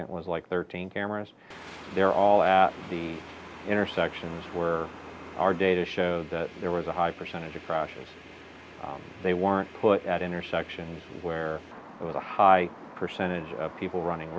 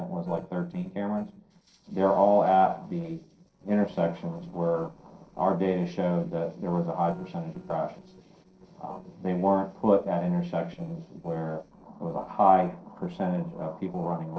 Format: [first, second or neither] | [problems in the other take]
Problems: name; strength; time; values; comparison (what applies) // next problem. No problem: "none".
first | noise reduction (neural separator model SepFormer DNS4)